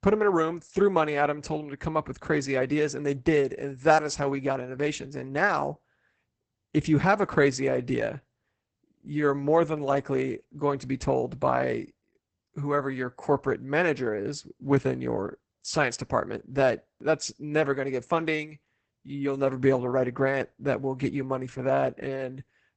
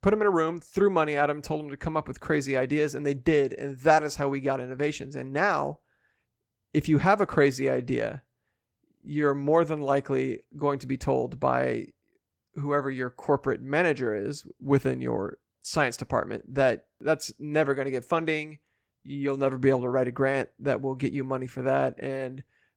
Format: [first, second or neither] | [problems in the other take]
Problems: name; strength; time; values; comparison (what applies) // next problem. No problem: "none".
second | garbled, watery; badly; nothing above 8 kHz; slightly in the second